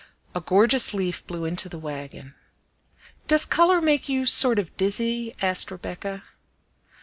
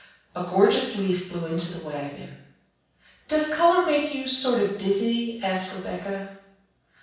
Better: first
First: none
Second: room echo; dies away in 0.7 s

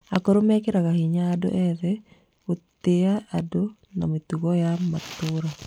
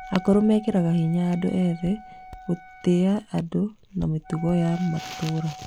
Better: first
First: none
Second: background sound (Hands + Wind instrument, woodwind instrument); 18 dB below the speech

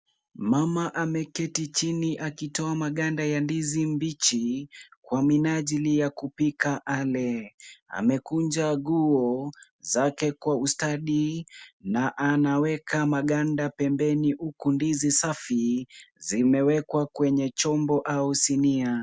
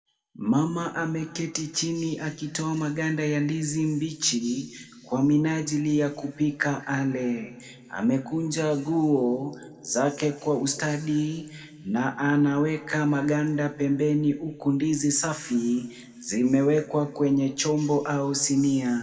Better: first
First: none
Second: room echo; dies away in 1.7 s

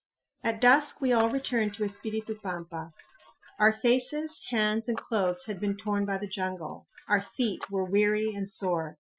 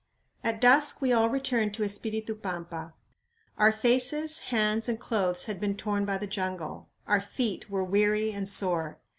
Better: second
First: noise reduction (classical method Wiener filter)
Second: none

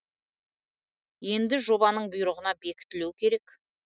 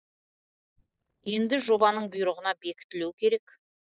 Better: first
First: none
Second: noise reduction (neural mask model DeepFilterNet 3)

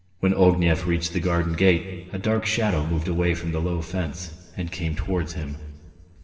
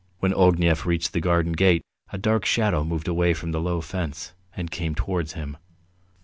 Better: second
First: room echo; dies away in 2.5 s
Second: none

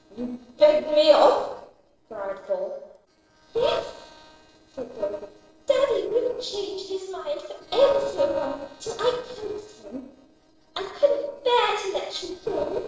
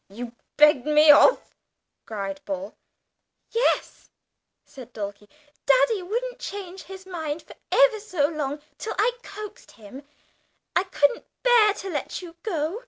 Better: second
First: noise reduction (neural separator model SepFormer DNS4)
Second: none

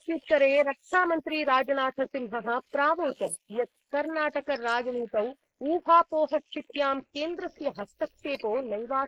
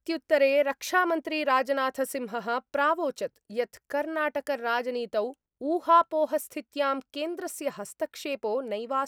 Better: second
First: noise reduction (neural mask model Resemble Enhance denoiser)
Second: none

